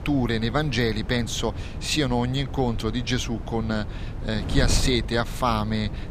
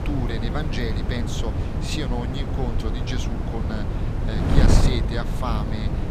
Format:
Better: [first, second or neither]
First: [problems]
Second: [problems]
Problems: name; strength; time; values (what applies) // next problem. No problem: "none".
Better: first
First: wind noise on the microphone; occasional gusts; 15 dB below the speech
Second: wind noise on the microphone; heavy; as loud as the speech